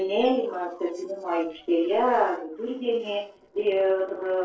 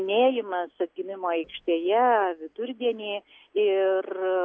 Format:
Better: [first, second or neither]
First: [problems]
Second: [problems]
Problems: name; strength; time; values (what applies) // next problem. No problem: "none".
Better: second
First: noise reduction (neural separator model SepFormer DNS4)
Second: none